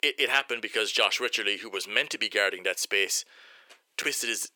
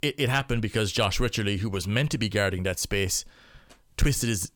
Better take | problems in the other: second | thin; very; fading below 400 Hz

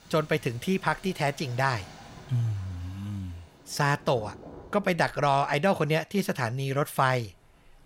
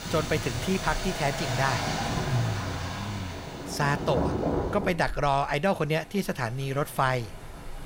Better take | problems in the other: first | rain or running water; loud; throughout; 3 dB below the speech; faint in the first

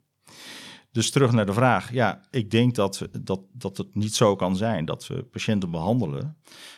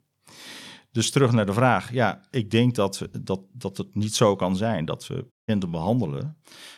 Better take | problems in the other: first | audio cutting out; at 5.5 s

